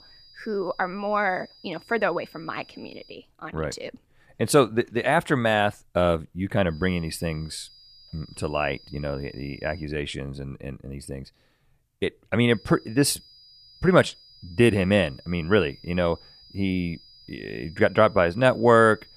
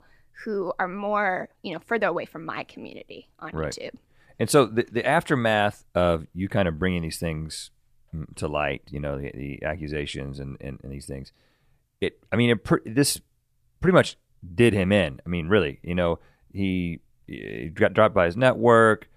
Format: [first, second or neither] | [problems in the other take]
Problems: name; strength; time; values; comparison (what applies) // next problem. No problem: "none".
second | high-pitched whine; faint; until 3 s, from 6.5 to 10 s and from 13 s on; 5 kHz, 25 dB below the speech